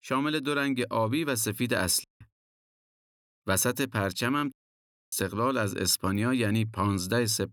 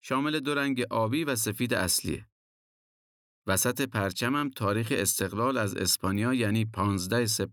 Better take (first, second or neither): second